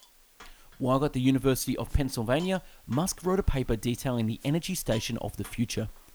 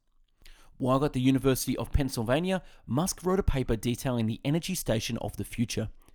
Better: second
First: hiss; faint; throughout; 25 dB below the speech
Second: none

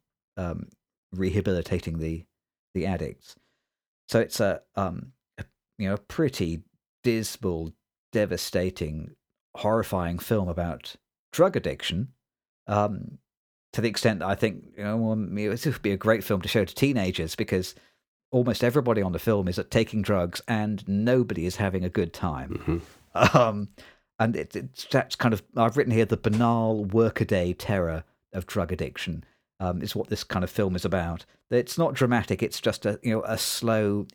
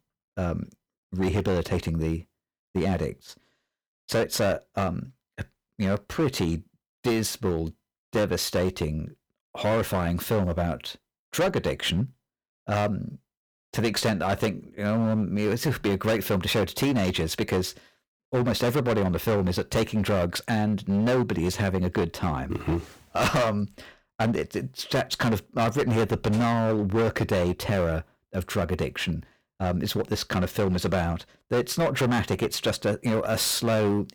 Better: first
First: none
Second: distortion; heavy; 14% of the sound clipped

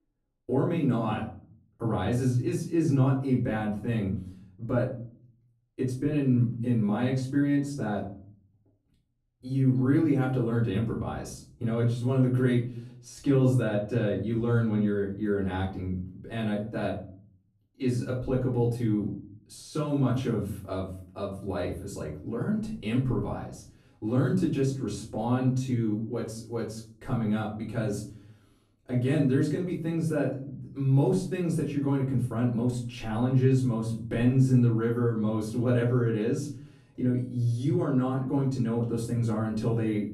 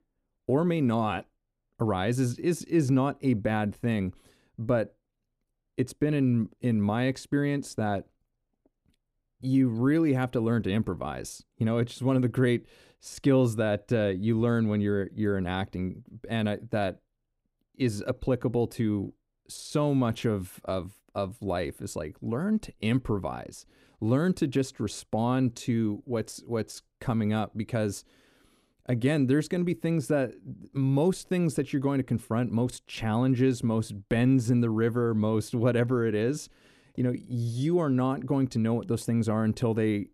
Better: second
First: room echo; slight; dies away in 0.5 s // off-mic speech; far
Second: none

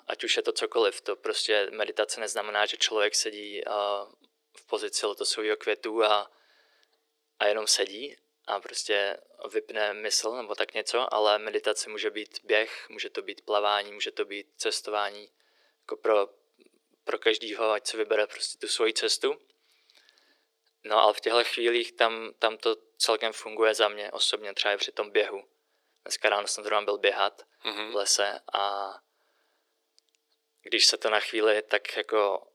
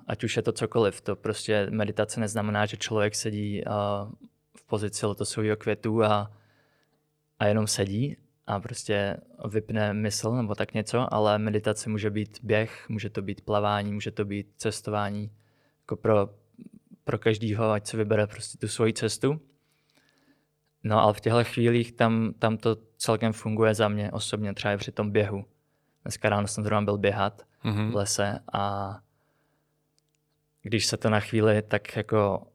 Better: second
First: thin; very; fading below 350 Hz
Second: none

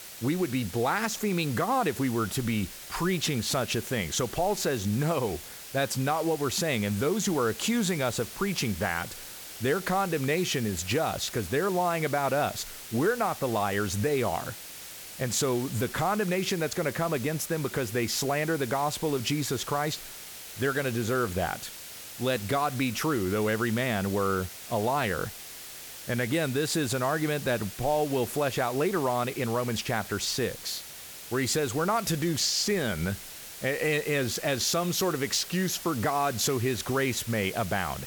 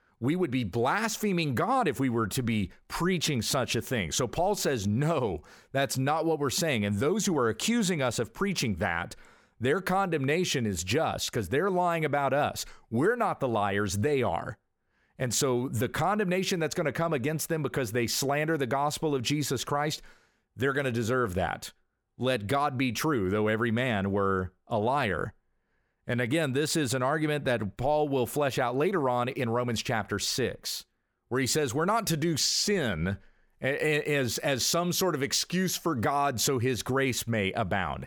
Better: second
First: hiss; noticeable; throughout; 10 dB below the speech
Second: none

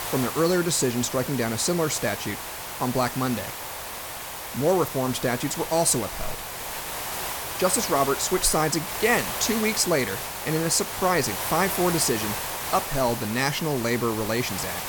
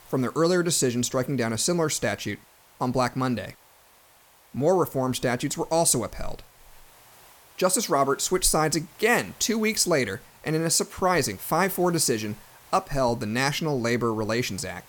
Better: second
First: hiss; loud; throughout; 6 dB below the speech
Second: hiss; faint; throughout; 25 dB below the speech

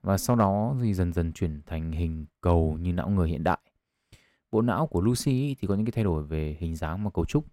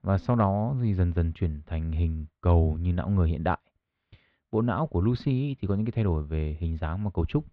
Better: first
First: none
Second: muffled; slightly; fading above 4 kHz

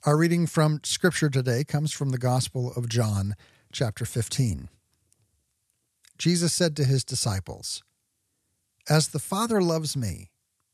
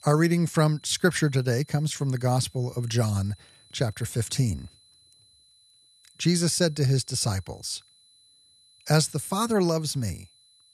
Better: first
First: none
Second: high-pitched whine; faint; throughout; 4 kHz, 30 dB below the speech

